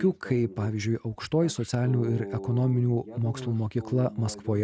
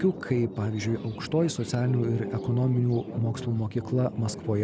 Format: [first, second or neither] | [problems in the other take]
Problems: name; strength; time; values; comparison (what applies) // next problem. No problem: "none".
first | background sound (Thunder); 13 dB below the speech